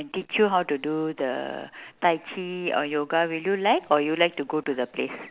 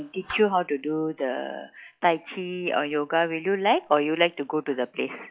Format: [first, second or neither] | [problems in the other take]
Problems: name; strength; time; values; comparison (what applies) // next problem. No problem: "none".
first | noise reduction (classical method log-MMSE)